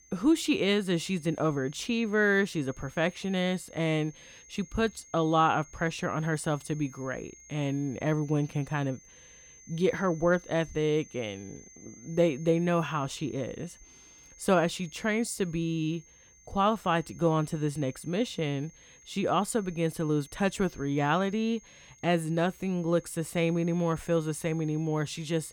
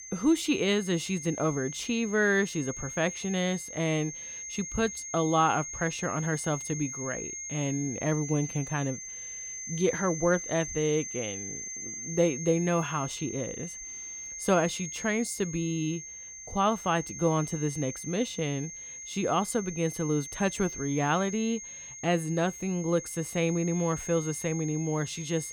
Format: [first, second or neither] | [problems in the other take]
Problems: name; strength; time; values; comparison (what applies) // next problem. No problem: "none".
first | high-pitched whine; loud; throughout; 6.5 kHz, 8 dB below the speech; faint in the first